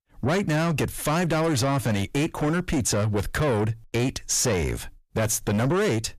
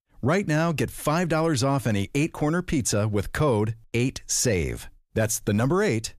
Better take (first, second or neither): second